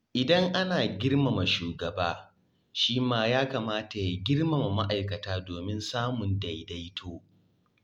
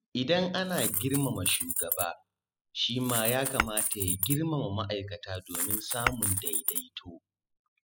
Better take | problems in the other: first | noise reduction (classical method spectral subtraction)

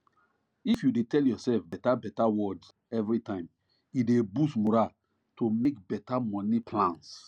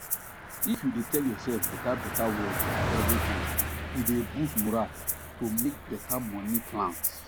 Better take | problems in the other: first | background sound (Rattle (instrument) + Car passing by); as loud as the speech

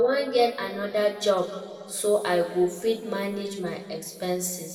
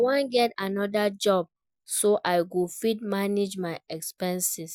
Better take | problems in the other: second | room echo; dies away in 1.8 s

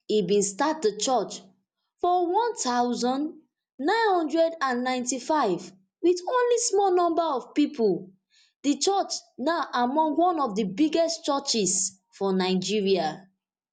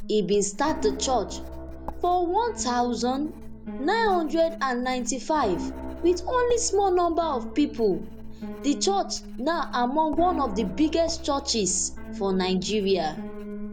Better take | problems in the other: first | background sound (Writing + Piano); 10 dB below the speech

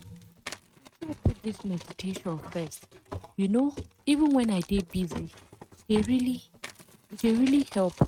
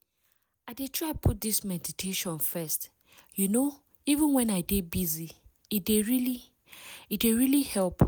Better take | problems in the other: second | noise reduction (neural mask model RNNoise)

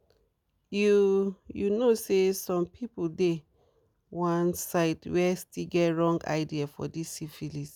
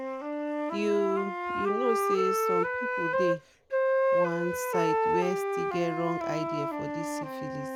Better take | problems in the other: first | background sound (Wind instrument, woodwind instrument); 4 dB above the speech

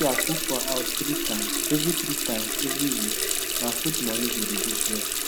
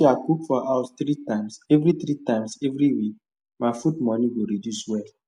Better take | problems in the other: second | background sound (Water tap, faucet); 4 dB above the speech

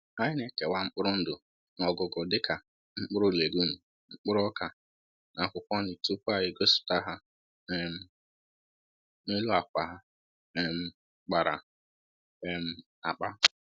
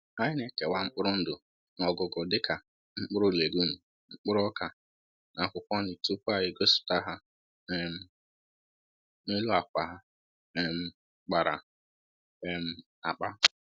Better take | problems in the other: first | background sound (Wind instrument, woodwind instrument); 15 dB below the speech

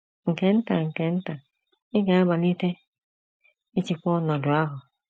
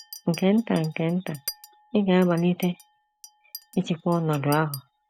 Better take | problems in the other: first | background sound (Chink, clink); 19 dB below the speech

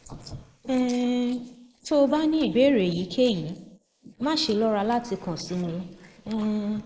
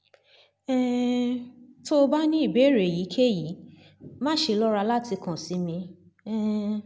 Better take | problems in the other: second | noise reduction (neural mask model Resemble Enhance denoiser)

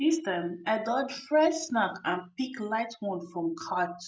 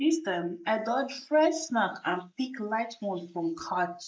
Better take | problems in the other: first | noise reduction (neural mask model Resemble Enhance denoiser)

